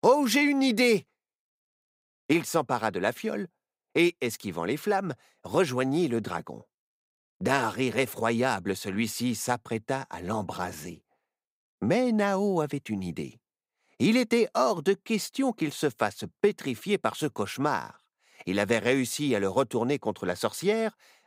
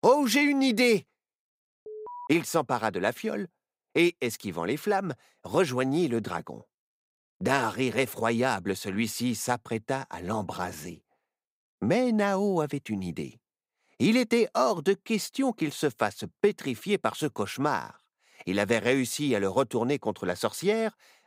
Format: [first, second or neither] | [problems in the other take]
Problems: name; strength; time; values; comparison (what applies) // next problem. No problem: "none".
first | alarm; faint; at 2 s; peak 15 dB below the speech